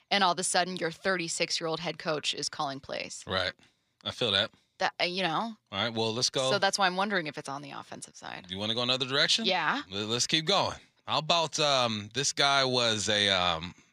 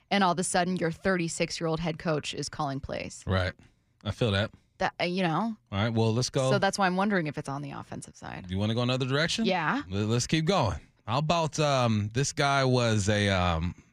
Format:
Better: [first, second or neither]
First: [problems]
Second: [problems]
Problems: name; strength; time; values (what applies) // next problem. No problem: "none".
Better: second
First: thin; somewhat; fading below 1 kHz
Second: none